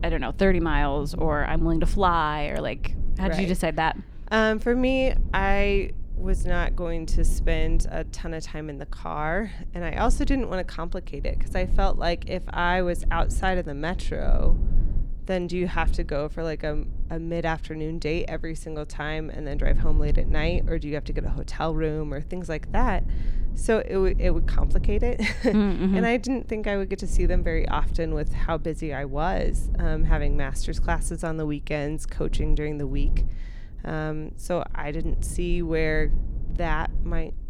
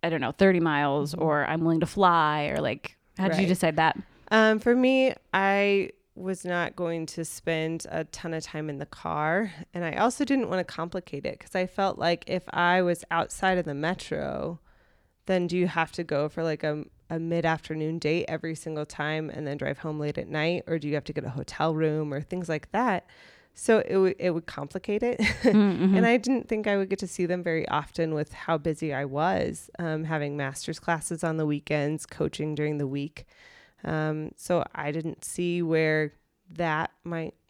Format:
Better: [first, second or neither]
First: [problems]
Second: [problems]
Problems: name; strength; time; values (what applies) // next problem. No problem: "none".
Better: second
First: low rumble; faint; throughout; 20 dB below the speech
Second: none